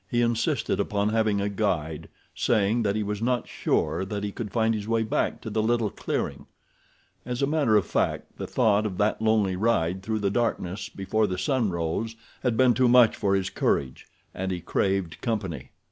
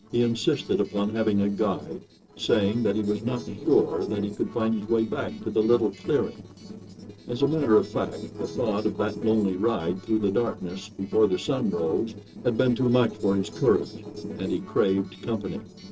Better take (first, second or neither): first